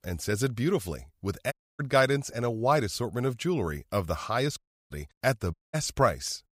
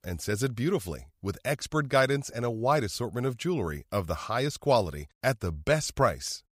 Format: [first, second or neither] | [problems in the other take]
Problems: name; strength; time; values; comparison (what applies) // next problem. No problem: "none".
second | audio cutting out; at 1.5 s, at 4.5 s and at 5.5 s